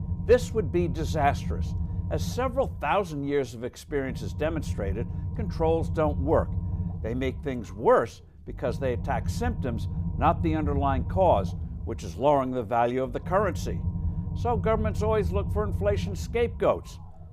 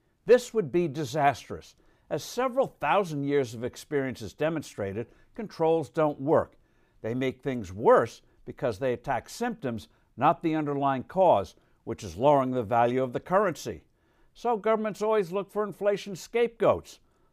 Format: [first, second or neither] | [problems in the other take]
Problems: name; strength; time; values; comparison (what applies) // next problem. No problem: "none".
second | low rumble; noticeable; throughout; 20 dB below the speech